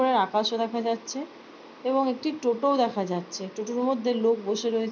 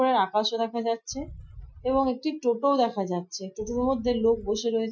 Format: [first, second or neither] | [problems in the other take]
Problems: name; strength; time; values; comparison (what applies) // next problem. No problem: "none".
first | noise reduction (classical method Wiener filter)